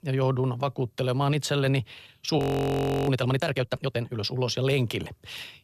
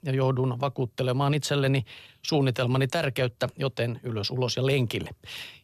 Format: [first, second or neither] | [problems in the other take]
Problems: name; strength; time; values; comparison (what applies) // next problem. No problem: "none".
second | audio freezing; at 2.5 s for 0.5 s